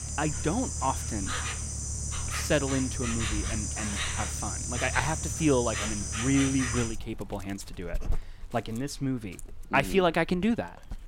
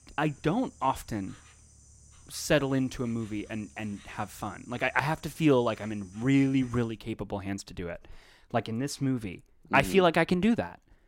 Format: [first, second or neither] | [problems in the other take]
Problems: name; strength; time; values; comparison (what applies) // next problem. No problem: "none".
second | animal sounds; loud; throughout; 2 dB below the speech; faint in the second